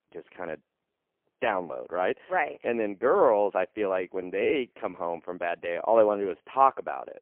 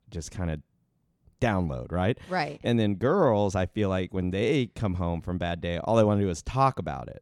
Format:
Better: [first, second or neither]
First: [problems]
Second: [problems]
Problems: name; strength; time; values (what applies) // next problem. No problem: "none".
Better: second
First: phone-call audio; poor line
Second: none